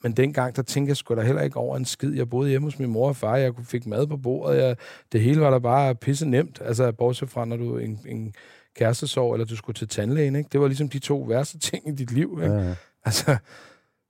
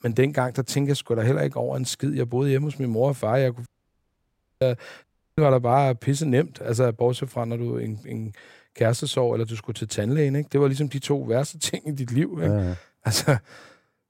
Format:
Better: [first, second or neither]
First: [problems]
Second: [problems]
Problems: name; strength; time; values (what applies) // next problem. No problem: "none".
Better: first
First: none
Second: audio cutting out; at 3.5 s for 1 s and at 5 s